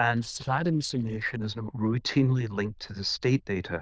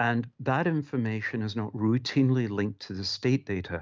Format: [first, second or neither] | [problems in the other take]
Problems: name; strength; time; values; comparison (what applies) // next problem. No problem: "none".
second | noise reduction (neural diffusion model UNIVERSE++)